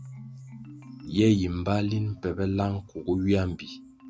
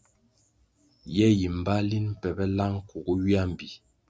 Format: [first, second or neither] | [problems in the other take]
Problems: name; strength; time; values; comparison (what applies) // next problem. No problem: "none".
second | background sound (Keyboard (musical) + Marimba, xylophone); 18 dB below the speech